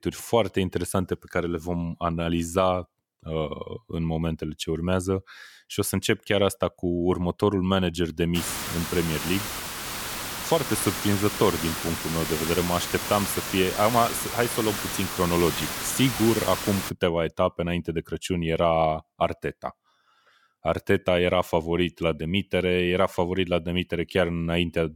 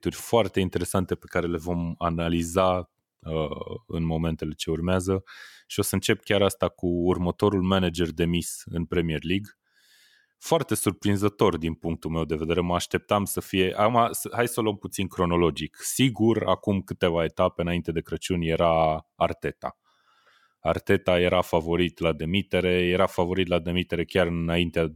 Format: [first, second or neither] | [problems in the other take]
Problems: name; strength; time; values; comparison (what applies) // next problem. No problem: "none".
second | hiss; loud; from 8.5 to 17 s; 4 dB below the speech